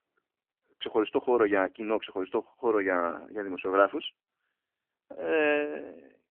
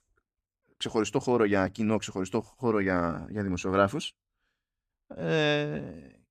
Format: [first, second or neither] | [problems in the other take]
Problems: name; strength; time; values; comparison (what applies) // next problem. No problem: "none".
second | phone-call audio; nothing above 3 kHz